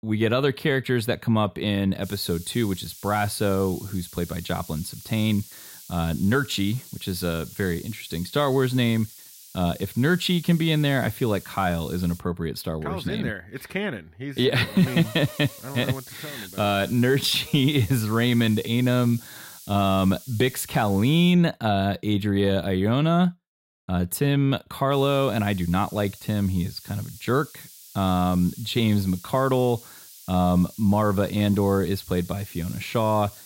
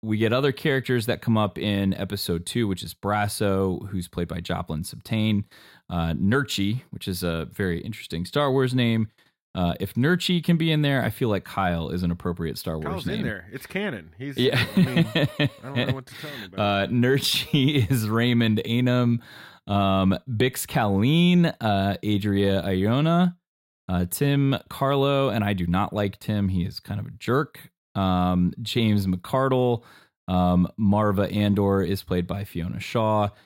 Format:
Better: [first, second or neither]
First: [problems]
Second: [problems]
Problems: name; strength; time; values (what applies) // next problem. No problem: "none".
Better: second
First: hiss; noticeable; from 2 to 12 s, from 15 to 21 s and from 25 s on; 20 dB below the speech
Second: none